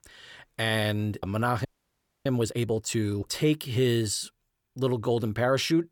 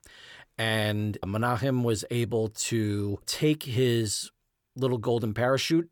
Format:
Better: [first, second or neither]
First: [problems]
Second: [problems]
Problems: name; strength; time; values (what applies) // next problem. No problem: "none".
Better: second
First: audio freezing; at 1.5 s for 0.5 s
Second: none